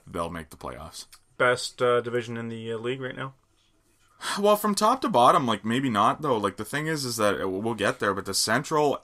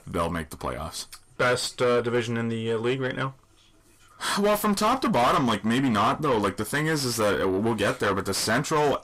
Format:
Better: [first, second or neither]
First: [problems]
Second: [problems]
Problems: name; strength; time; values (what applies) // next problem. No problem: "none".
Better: first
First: none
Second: distortion; heavy; 6 dB below the speech